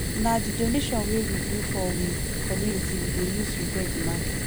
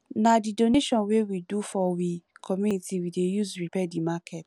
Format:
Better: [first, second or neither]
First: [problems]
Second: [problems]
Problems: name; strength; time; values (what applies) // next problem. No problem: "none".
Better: second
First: background sound (Fire); 2 dB above the speech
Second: none